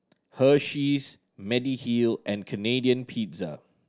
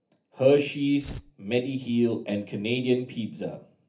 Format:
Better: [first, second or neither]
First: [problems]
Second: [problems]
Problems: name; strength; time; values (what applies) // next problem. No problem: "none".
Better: first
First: none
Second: background sound (Tearing); 14 dB below the speech // room echo; dies away in 0.3 s